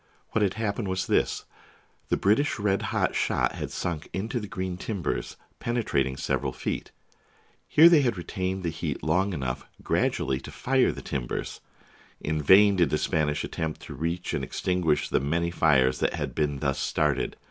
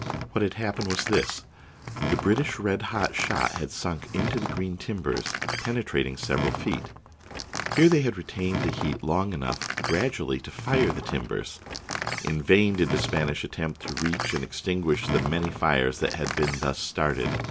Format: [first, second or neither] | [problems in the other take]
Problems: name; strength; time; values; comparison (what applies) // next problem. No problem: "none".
first | background sound (Door); 6 dB below the speech